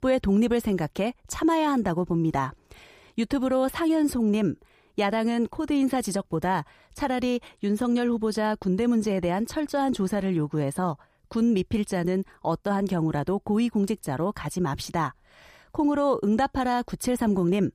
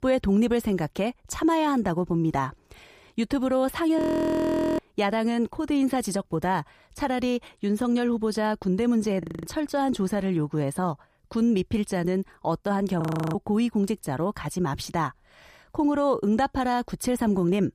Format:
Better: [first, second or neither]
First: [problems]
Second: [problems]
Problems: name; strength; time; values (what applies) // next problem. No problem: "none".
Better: first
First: none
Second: audio freezing; at 4 s for 1 s, at 9 s and at 13 s